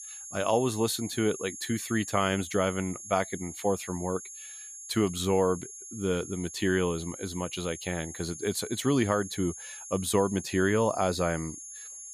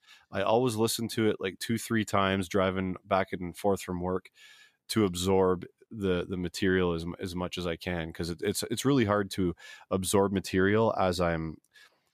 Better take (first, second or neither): second